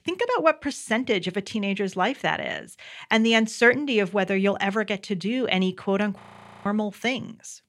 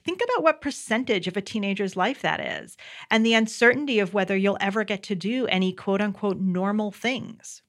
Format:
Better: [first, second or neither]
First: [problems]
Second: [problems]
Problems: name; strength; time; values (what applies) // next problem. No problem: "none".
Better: second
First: audio freezing; at 6 s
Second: none